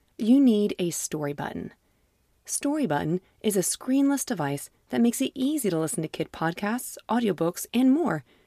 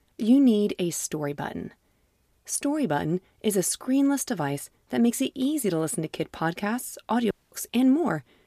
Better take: first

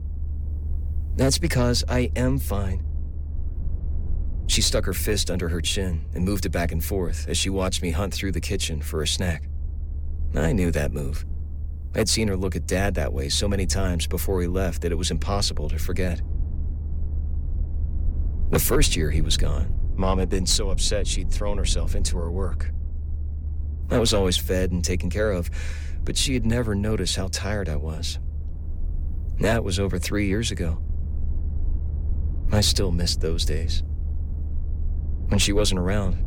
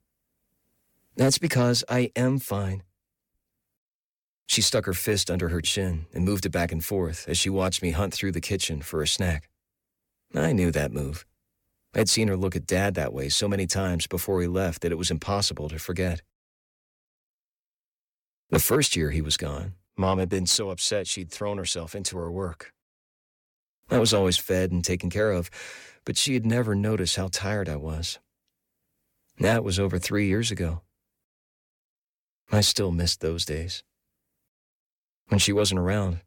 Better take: second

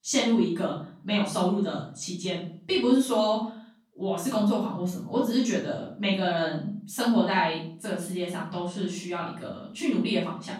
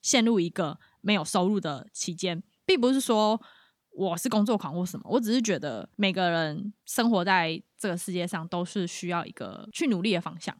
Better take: second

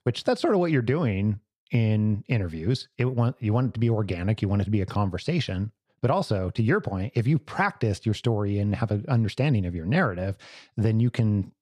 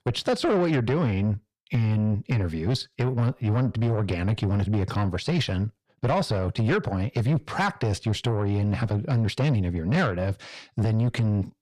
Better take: first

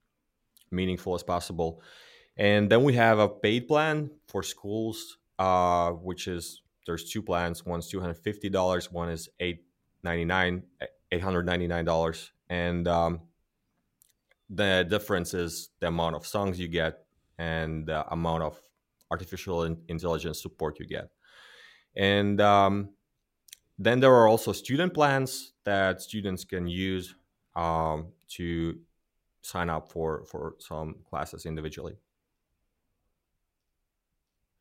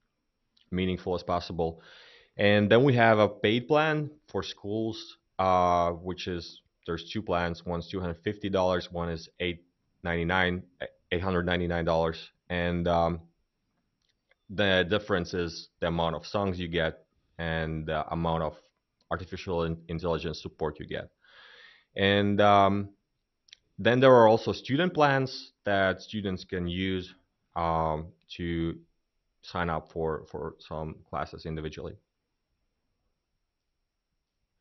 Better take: first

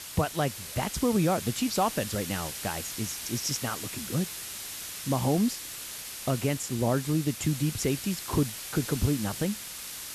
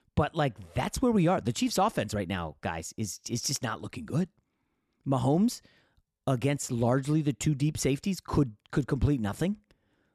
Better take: second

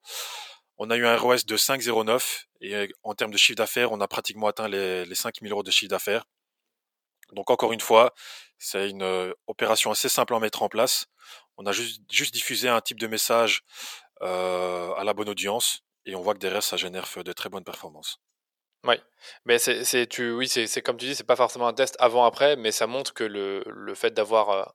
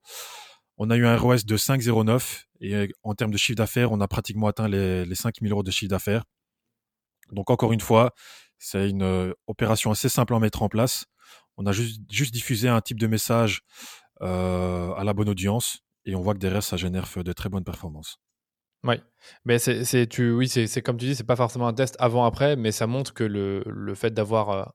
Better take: second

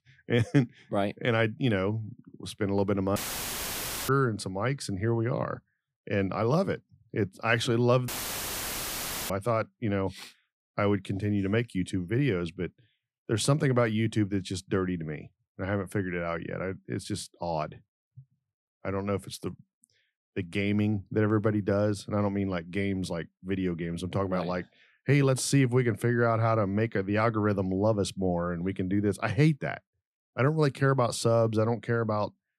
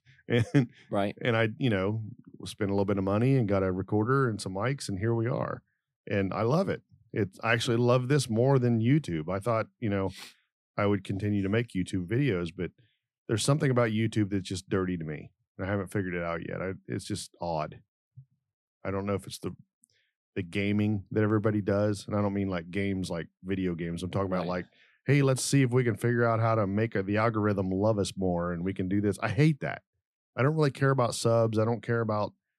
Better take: second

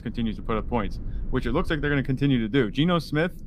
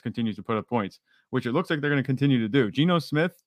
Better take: second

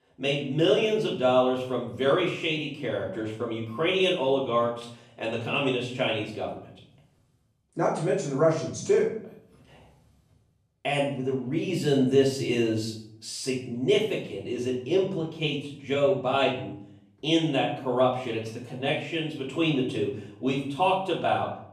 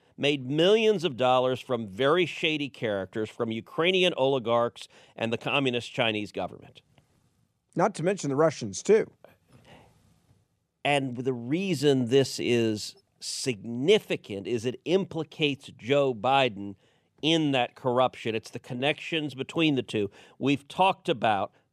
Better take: second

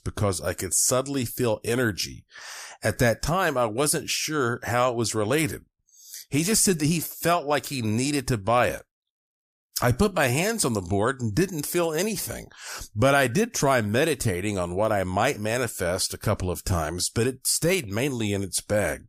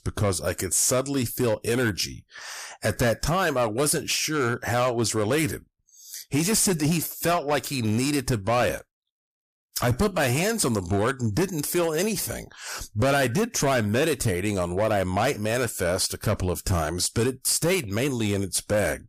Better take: first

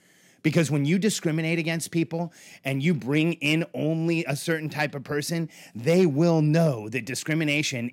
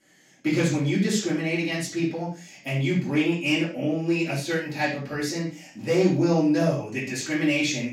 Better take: first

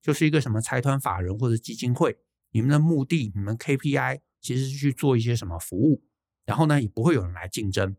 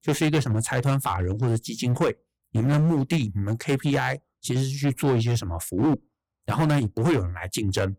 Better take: first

